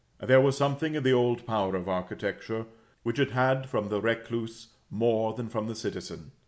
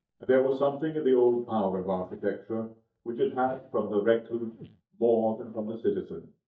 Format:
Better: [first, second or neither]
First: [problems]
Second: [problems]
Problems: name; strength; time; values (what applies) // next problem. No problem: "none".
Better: first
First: none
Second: noise reduction (neural mask model DeepFilterNet 3)